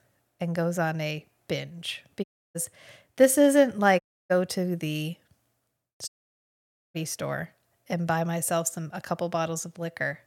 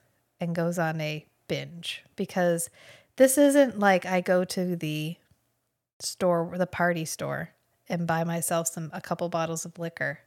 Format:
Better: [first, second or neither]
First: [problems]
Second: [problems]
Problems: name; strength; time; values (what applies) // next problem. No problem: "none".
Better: second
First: audio cutting out; at 2 s, at 4 s and at 6 s for 1 s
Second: none